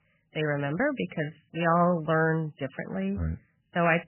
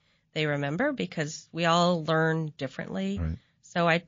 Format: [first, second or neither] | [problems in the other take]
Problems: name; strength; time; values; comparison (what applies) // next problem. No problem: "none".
second | garbled, watery; badly; nothing above 3 kHz; slightly in the second